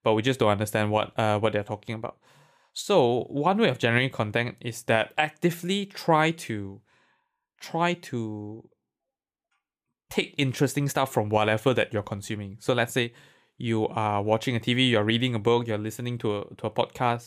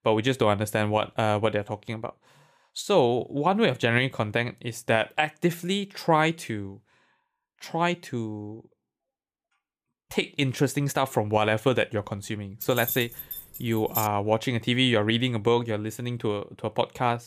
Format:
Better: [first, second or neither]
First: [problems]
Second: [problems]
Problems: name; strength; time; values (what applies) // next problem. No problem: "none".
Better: first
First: none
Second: jangling keys; noticeable; from 13 to 14 s; peak 5 dB below the speech